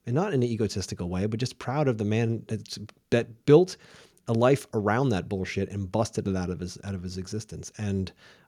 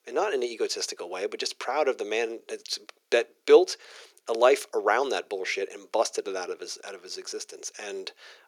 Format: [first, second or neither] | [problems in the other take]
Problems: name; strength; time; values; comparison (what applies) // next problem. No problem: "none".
first | thin; very; fading below 400 Hz